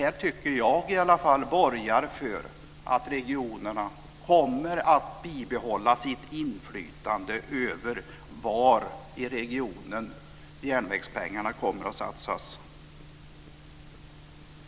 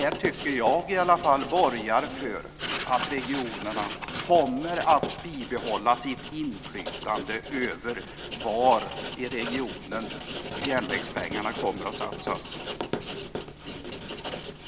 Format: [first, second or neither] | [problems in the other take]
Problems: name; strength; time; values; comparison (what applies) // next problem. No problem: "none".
first | background sound (Writing); 8 dB below the speech